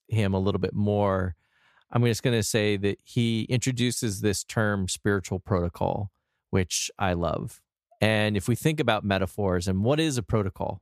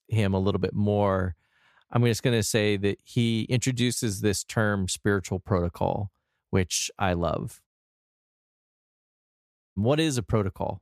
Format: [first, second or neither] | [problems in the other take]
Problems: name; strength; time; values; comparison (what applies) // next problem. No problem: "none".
first | audio cutting out; at 7.5 s for 2 s